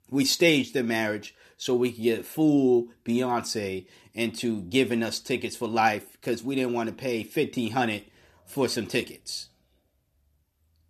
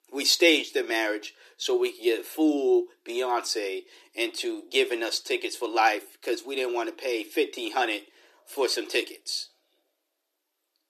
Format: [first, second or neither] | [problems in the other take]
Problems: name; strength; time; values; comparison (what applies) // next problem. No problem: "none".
first | thin; somewhat; fading below 300 Hz